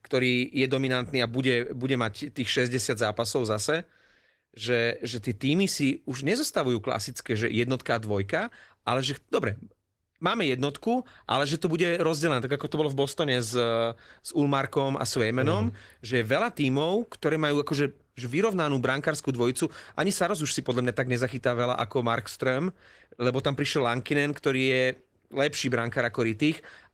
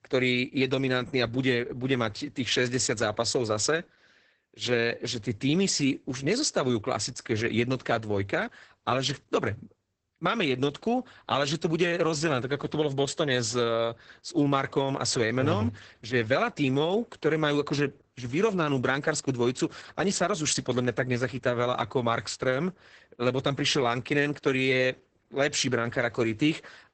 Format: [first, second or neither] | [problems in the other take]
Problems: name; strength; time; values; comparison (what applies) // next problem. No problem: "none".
first | garbled, watery; badly; nothing above 8 kHz; slightly in the first